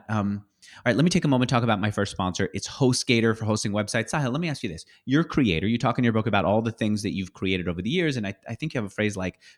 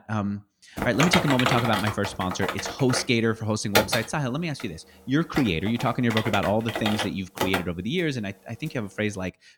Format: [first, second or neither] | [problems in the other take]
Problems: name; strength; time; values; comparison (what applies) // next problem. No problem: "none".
first | keyboard typing; loud; from 1 to 7.5 s; peak 4 dB above the speech